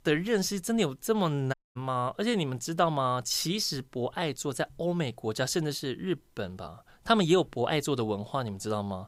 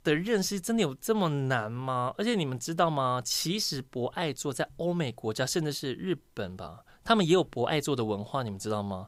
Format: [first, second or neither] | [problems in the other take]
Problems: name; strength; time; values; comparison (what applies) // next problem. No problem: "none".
second | audio cutting out; at 1.5 s